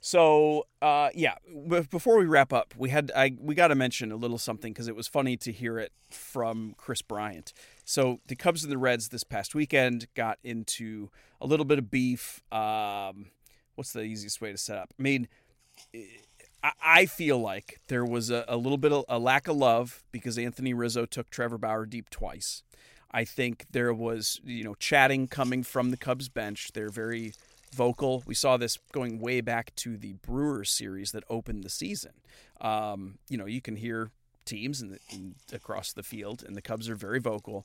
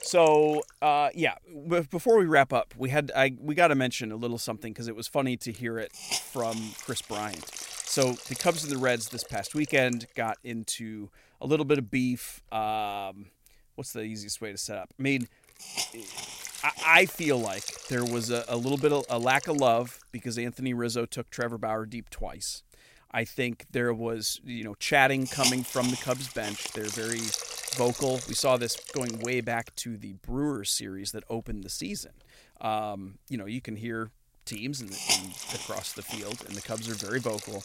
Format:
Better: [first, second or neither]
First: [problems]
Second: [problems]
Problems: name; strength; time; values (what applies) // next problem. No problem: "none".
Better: first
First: hiss; faint; throughout; 30 dB below the speech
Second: hiss; loud; throughout; 7 dB below the speech